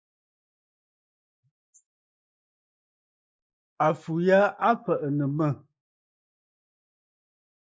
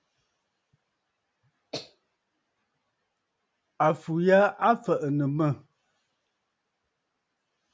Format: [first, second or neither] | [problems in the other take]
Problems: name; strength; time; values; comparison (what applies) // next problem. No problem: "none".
second | noise reduction (neural mask model Resemble Enhance denoiser)